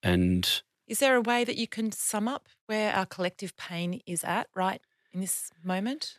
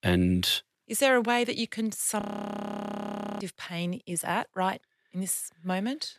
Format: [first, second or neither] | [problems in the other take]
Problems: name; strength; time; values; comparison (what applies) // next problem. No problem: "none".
first | audio freezing; at 2 s for 1 s